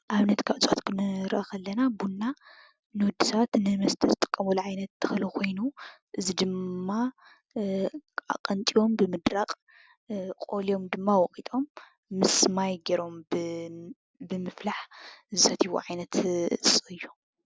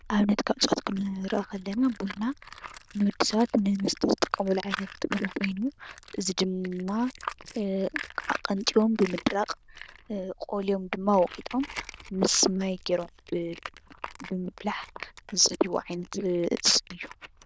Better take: first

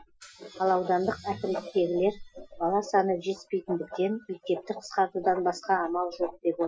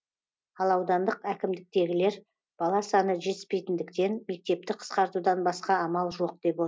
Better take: second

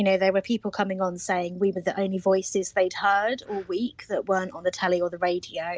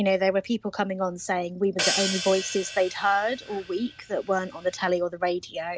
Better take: first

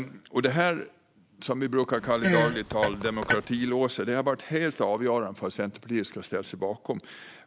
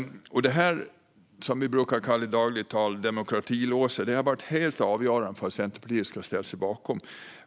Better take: second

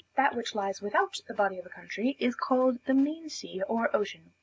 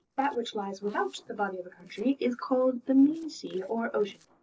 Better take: first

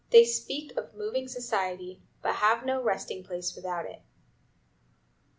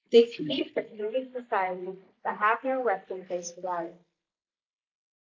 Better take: first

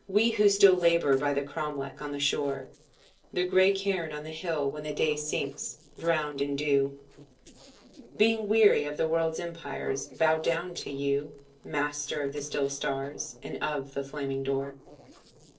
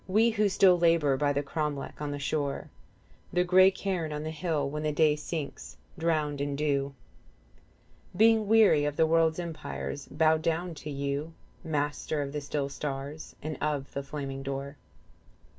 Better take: second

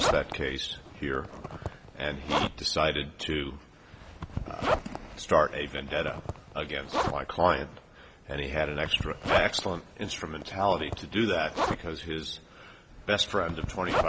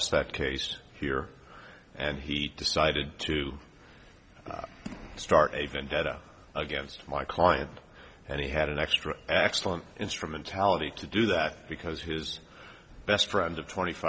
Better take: second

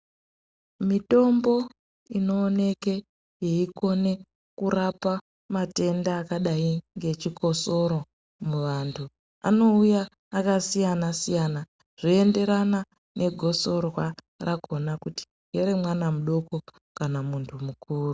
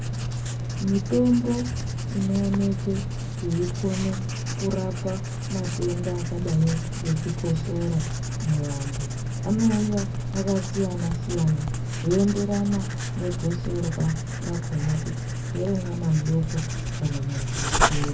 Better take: first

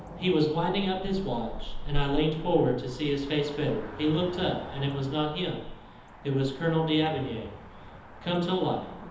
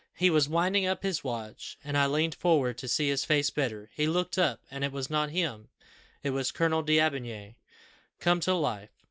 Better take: second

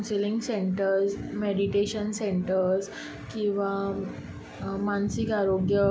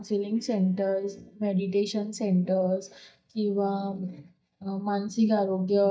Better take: first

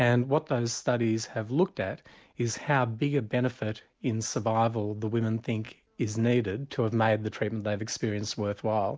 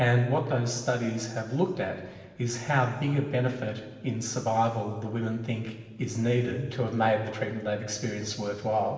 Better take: first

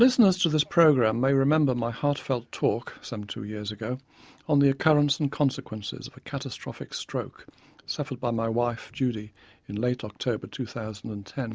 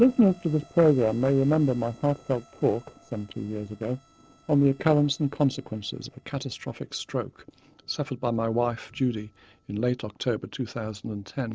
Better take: first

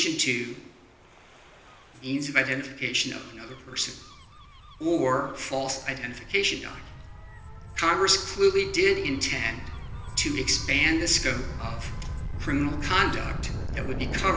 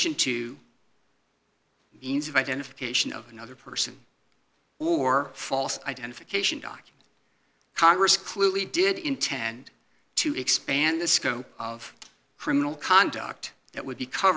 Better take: second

